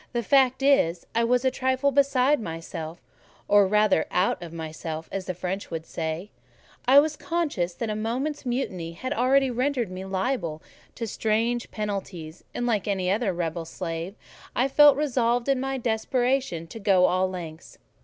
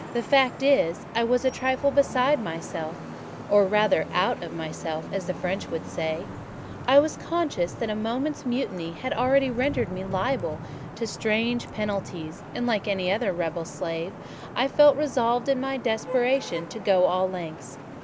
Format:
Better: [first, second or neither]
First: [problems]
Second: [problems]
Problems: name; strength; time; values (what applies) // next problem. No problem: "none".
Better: first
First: none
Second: background sound (Traffic noise, roadway noise / Vehicle horn, car horn, honking); 12 dB below the speech